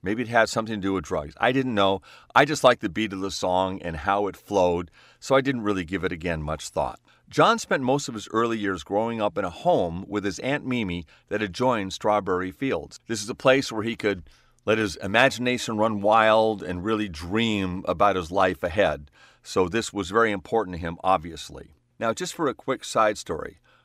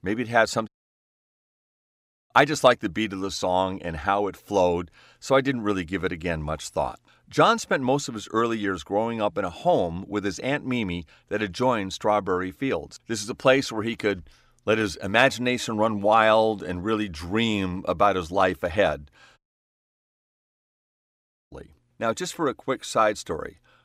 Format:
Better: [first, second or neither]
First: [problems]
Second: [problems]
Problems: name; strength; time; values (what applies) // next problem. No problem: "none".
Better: first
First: none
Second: audio cutting out; at 0.5 s for 1.5 s and at 19 s for 2 s